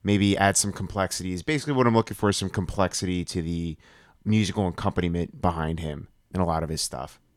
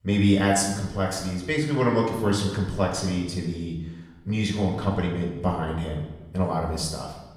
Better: first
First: none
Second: off-mic speech; far // room echo; noticeable; dies away in 0.9 s

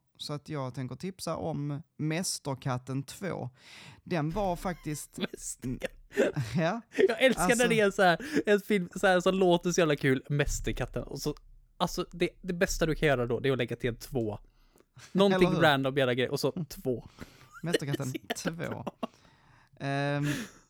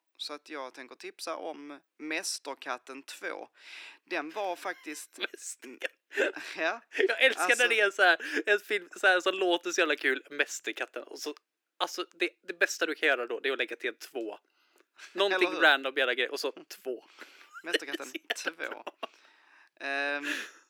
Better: first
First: none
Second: thin; very; fading below 300 Hz

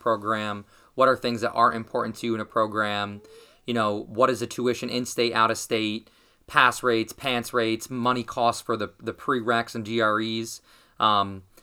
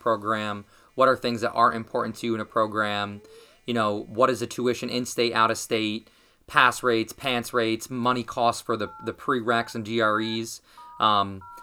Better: first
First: none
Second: alarms or sirens; faint; throughout; 25 dB below the speech

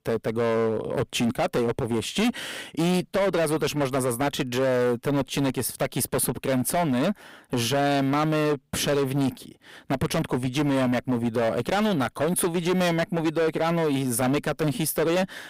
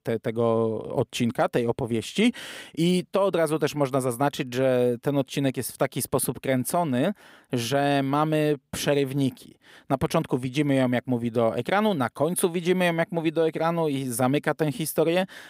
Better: second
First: distortion; heavy; 20% of the sound clipped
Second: none

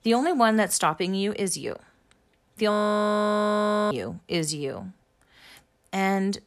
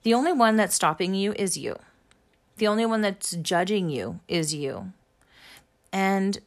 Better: second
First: audio freezing; at 2.5 s for 1 s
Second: none

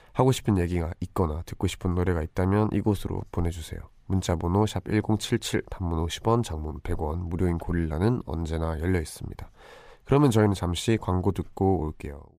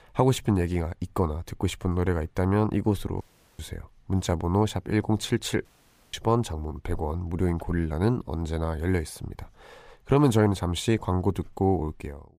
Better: first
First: none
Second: audio cutting out; at 3 s and at 5.5 s

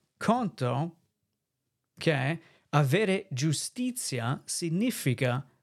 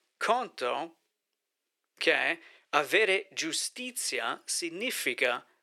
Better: first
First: none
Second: thin; very; fading below 350 Hz

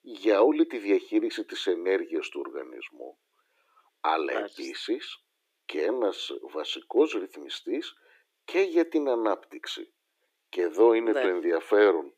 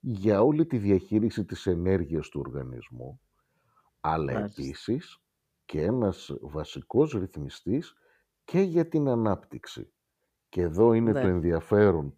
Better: second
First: thin; very; fading below 300 Hz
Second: none

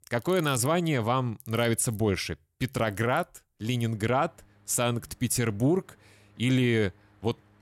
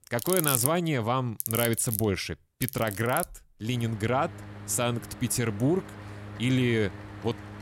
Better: first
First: machinery noise; faint; throughout; 25 dB below the speech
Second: machinery noise; loud; throughout; 6 dB below the speech

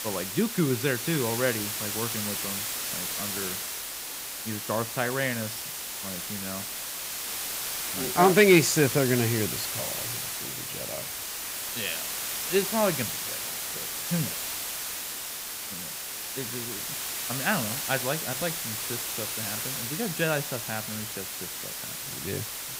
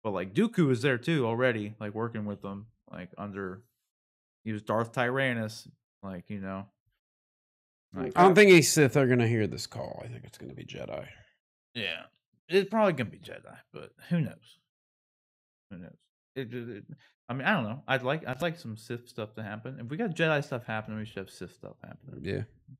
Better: second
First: hiss; loud; throughout; 3 dB below the speech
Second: none

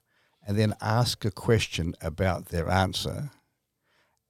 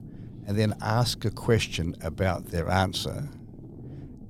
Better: first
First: none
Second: low rumble; faint; throughout; 20 dB below the speech

